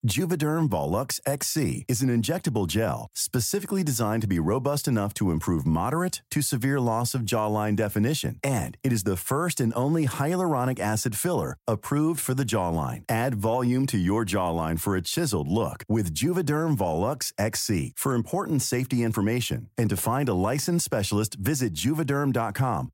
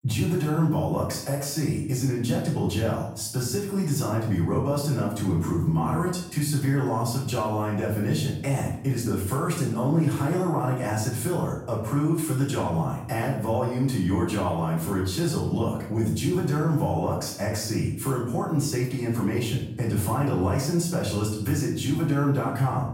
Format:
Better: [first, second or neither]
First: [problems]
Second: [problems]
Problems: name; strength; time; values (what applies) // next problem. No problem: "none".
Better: first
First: none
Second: off-mic speech; far // room echo; noticeable; dies away in 0.6 s